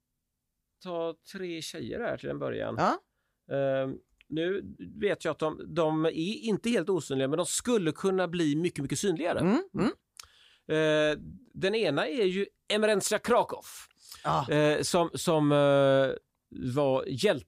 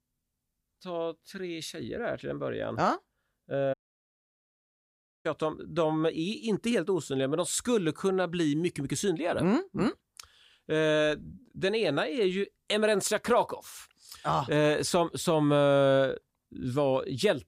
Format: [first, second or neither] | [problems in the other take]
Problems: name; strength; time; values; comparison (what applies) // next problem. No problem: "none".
first | audio cutting out; at 3.5 s for 1.5 s